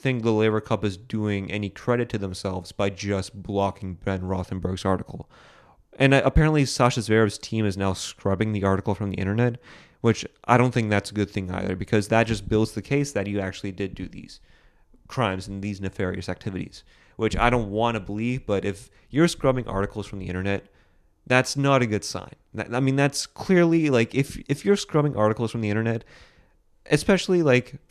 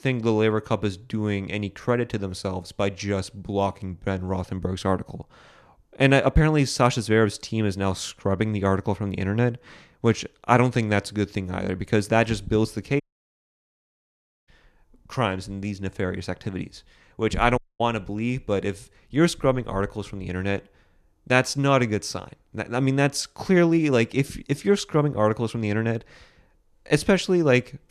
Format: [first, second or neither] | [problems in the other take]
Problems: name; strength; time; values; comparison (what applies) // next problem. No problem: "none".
first | audio cutting out; at 13 s for 1.5 s and at 18 s